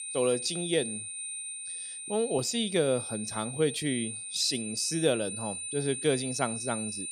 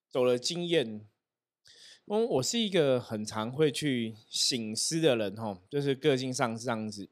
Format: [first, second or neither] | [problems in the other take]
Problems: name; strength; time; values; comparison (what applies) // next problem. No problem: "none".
second | high-pitched whine; loud; throughout; 9 kHz, 5 dB below the speech